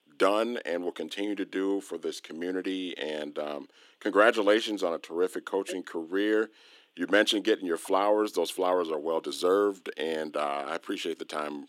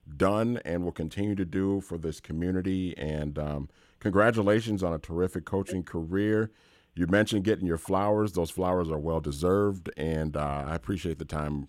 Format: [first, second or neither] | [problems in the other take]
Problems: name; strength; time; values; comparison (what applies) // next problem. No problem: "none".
second | thin; somewhat; fading below 300 Hz